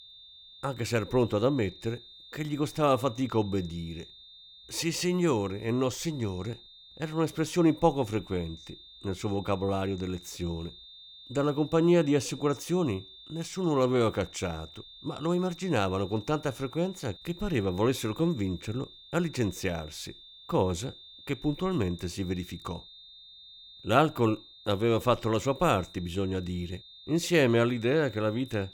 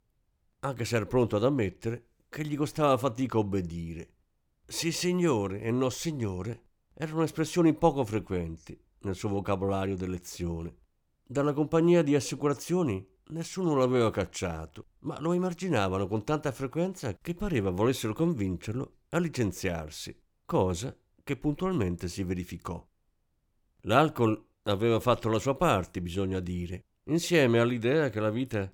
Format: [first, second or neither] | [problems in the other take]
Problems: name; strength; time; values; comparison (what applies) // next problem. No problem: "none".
second | high-pitched whine; noticeable; throughout; 3.5 kHz, 20 dB below the speech